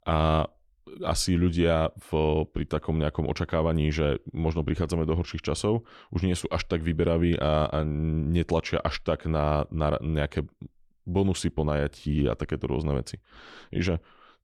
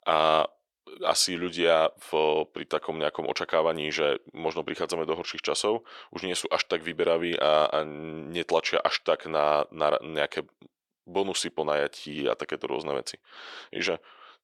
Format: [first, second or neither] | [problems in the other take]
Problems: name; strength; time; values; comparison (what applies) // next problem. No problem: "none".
first | thin; very; fading below 550 Hz